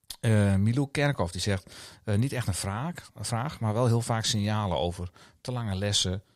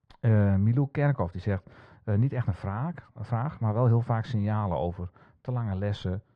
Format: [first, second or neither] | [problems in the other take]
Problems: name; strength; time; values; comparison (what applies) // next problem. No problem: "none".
first | muffled; very; fading above 1.5 kHz